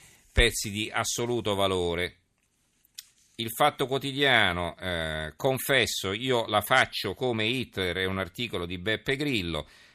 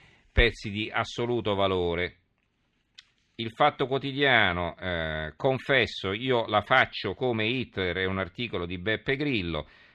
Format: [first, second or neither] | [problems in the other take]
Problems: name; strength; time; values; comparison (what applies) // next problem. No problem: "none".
first | muffled; slightly; fading above 3.5 kHz